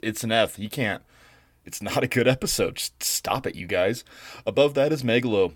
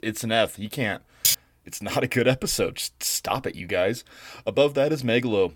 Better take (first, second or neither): first